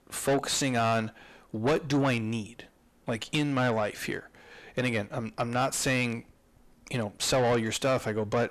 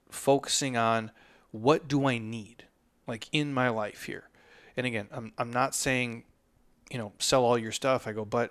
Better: second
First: distortion; heavy; 7 dB below the speech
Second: none

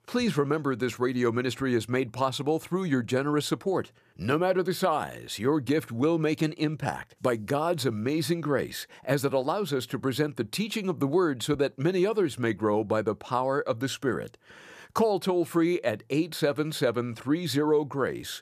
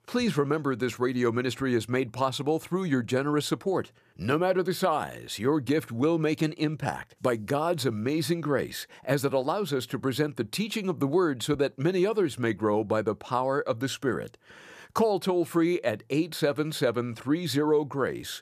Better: neither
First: none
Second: none

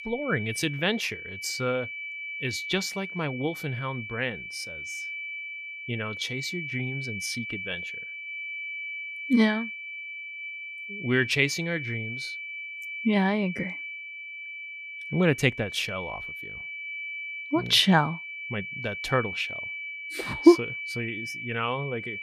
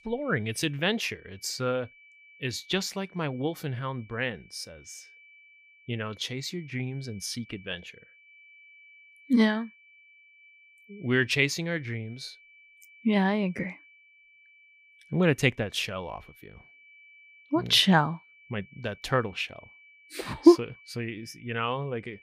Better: second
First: high-pitched whine; loud; throughout; 2.5 kHz, 7 dB below the speech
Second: high-pitched whine; faint; throughout; 2.5 kHz, 25 dB below the speech

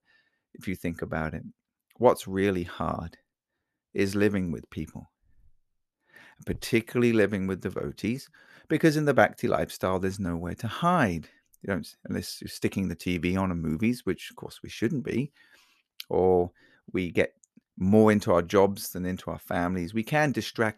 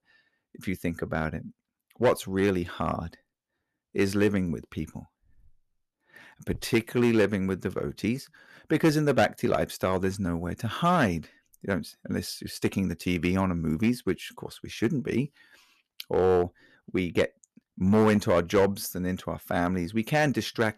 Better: first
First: none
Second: distortion; slight; 1.9% of the sound clipped

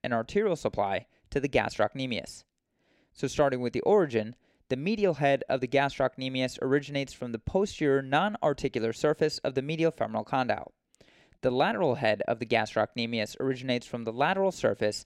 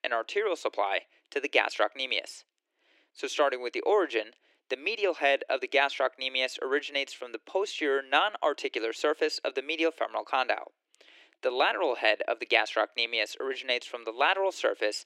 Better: first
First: none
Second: thin; very; fading below 300 Hz

